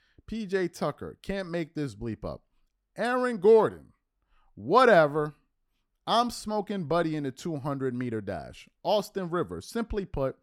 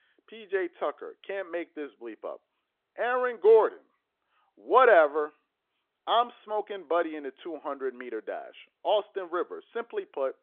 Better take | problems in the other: first | phone-call audio; nothing above 3.5 kHz

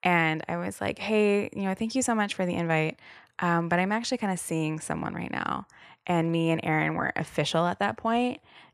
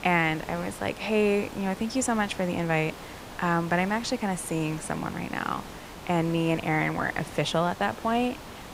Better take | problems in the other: first | hiss; noticeable; throughout; 15 dB below the speech

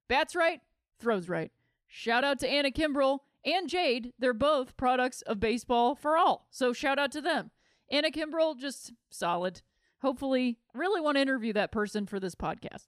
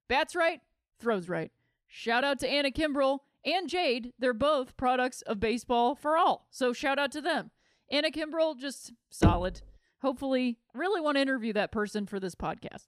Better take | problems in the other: first | door banging; loud; at 9 s; peak 3 dB above the speech

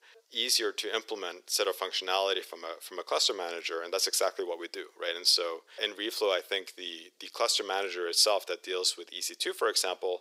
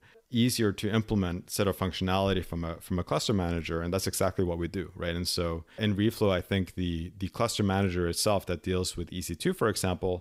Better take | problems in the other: second | thin; very; fading below 400 Hz

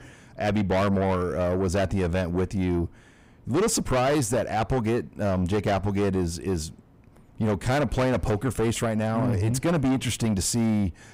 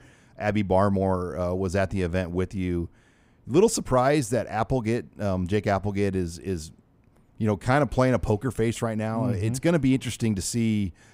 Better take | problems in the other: second | distortion; heavy; 7 dB below the speech

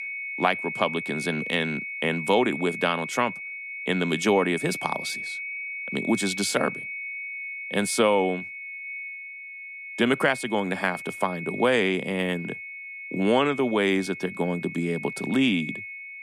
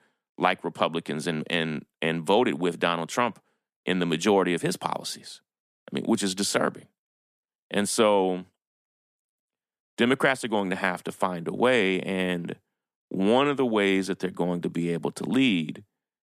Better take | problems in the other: second | high-pitched whine; loud; throughout; 2 kHz, 8 dB below the speech

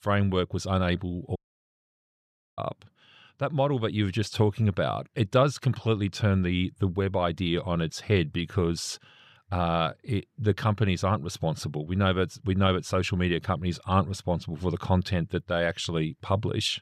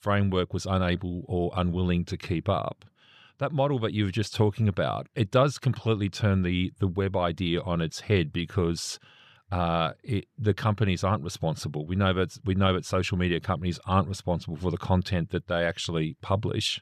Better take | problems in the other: second | audio cutting out; at 1.5 s for 1 s

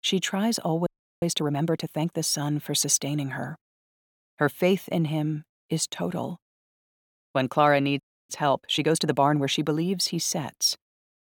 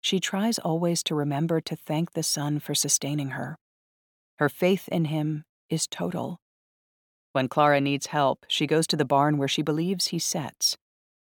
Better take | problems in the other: second | audio freezing; at 1 s and at 8 s

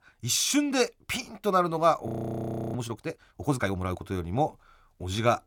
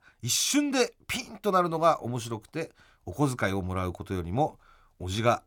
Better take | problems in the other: second | audio freezing; at 2 s for 0.5 s

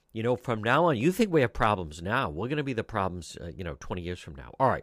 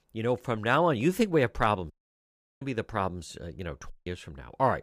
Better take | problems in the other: first | audio cutting out; at 2 s for 0.5 s and at 4 s

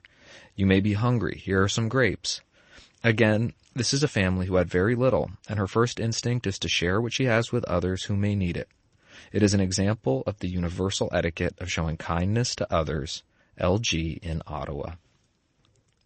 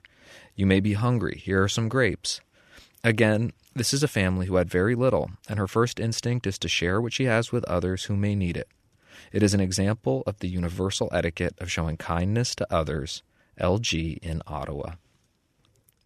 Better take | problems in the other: second | garbled, watery; slightly; nothing above 8 kHz

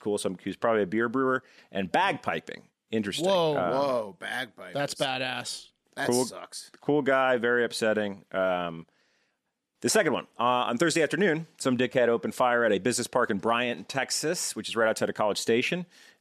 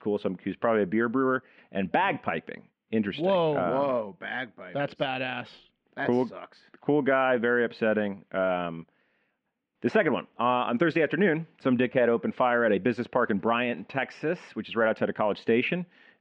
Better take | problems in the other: first | muffled; very; fading above 2.5 kHz

